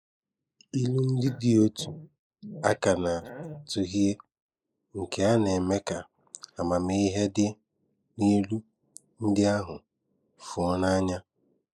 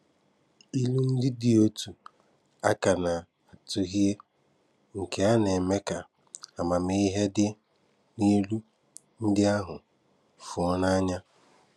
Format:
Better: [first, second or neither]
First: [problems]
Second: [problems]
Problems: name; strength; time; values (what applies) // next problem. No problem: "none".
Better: second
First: noise reduction (neural mask model Resemble Enhance denoiser)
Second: none